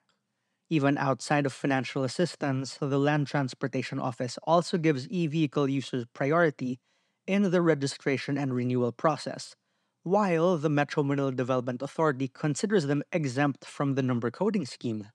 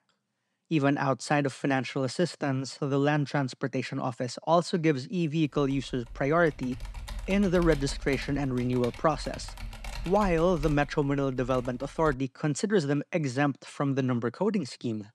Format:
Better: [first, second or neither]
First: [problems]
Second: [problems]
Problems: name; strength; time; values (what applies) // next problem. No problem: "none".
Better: first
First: none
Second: keyboard typing; faint; from 5.5 to 12 s; peak 10 dB below the speech